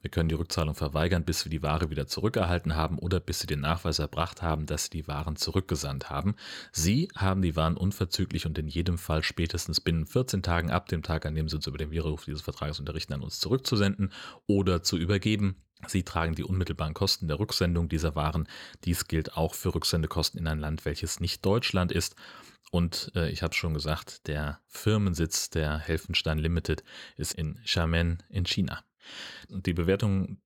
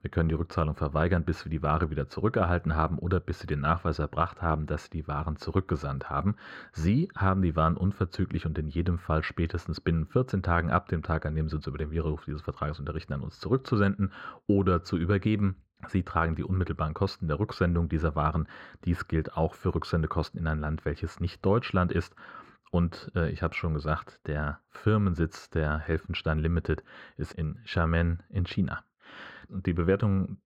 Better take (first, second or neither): first